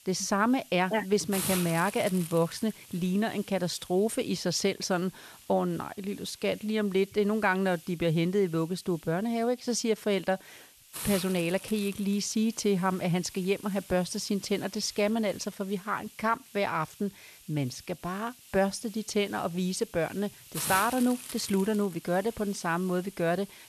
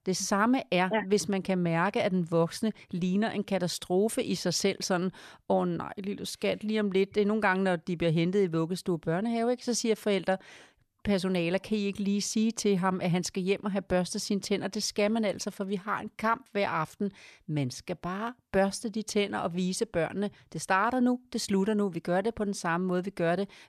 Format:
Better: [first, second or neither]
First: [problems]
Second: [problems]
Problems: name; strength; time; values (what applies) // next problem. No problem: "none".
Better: second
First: hiss; noticeable; throughout; 15 dB below the speech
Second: none